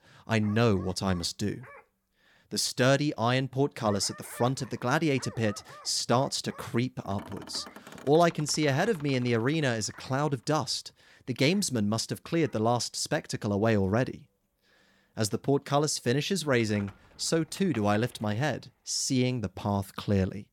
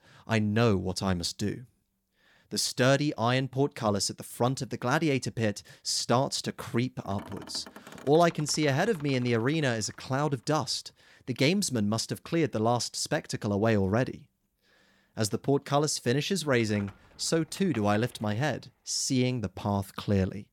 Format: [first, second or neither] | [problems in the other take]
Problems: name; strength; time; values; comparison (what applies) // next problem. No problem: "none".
second | animal sounds; faint; throughout; 25 dB below the speech